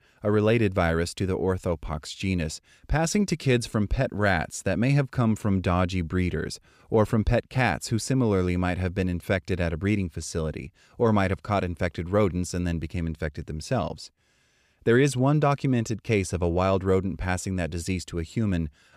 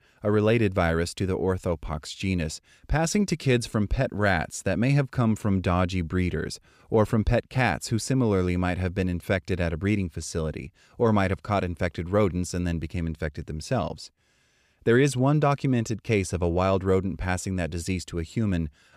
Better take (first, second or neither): neither